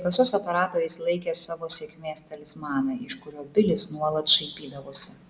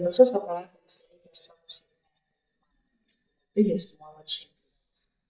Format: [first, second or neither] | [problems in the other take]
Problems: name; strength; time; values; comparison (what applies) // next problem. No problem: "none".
first | noise reduction (neural mask model DeepFilterNet 3)